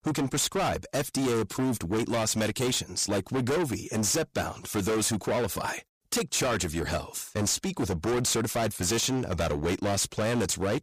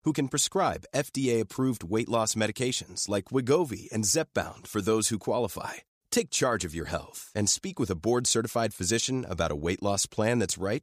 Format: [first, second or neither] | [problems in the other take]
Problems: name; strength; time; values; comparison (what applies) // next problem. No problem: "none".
second | distortion; heavy; 27% of the sound clipped